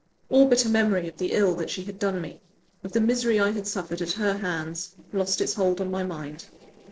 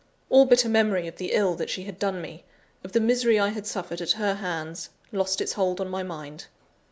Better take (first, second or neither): second